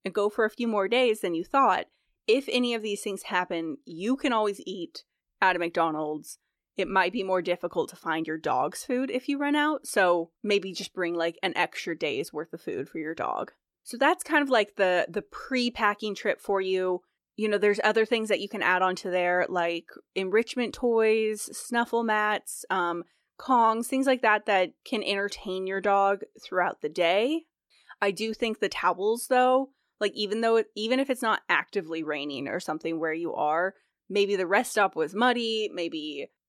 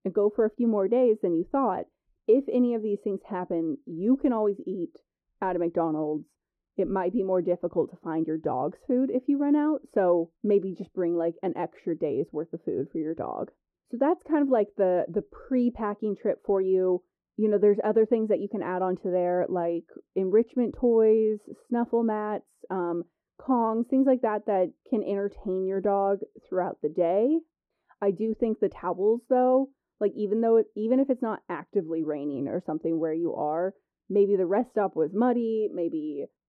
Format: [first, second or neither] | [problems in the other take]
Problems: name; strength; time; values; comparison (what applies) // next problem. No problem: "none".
first | muffled; very; fading above 1.5 kHz